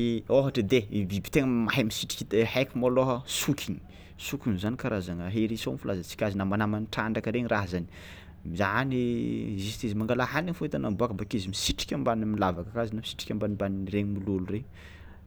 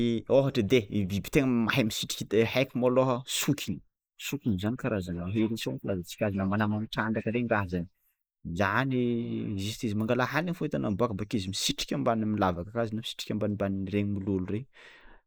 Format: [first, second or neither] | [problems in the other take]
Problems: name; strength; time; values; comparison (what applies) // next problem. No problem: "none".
first | noise reduction (neural mask model Resemble Enhance denoiser)